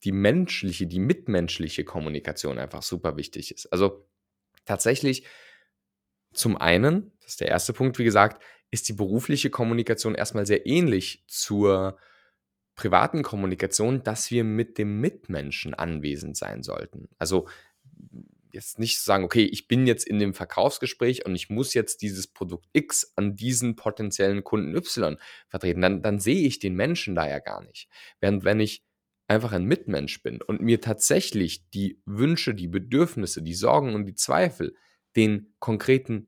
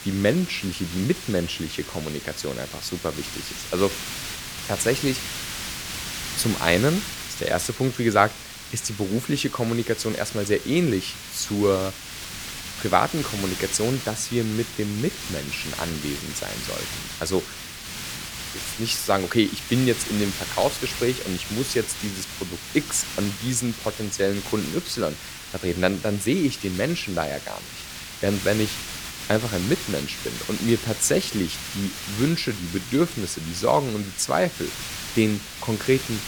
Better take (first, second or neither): first